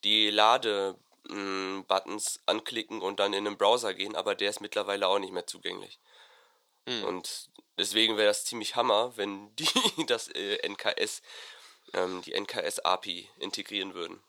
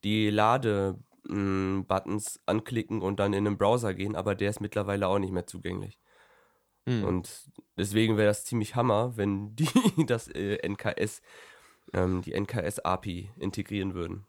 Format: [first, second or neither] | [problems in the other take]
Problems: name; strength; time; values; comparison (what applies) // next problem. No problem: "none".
second | thin; somewhat; fading below 500 Hz